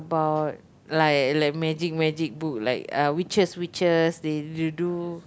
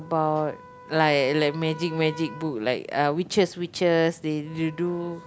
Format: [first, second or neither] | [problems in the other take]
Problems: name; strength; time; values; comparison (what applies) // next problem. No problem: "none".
first | background sound (Wind instrument, woodwind instrument); 20 dB below the speech